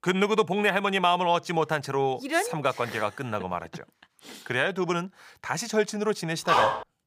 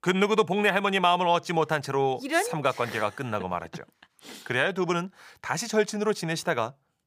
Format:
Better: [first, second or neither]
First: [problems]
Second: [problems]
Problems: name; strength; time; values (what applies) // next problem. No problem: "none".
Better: second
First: dog barking; loud; at 6.5 s; peak 3 dB above the speech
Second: none